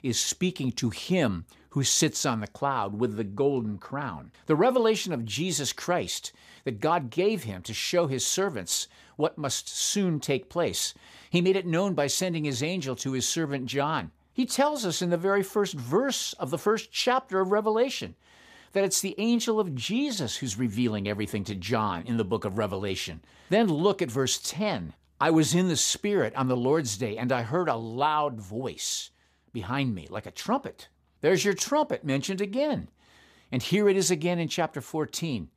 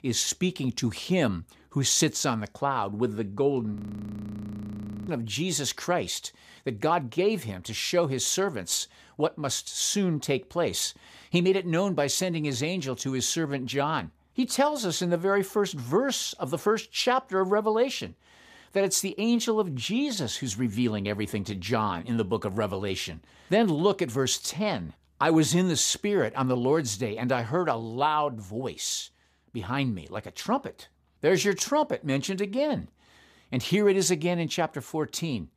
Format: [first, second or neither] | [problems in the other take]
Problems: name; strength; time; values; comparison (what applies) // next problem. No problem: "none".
first | audio freezing; at 4 s for 1.5 s